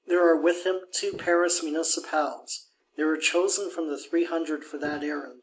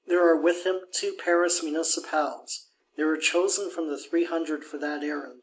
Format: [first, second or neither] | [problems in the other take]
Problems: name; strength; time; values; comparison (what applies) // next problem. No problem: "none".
second | background sound (Walk, footsteps); 17 dB below the speech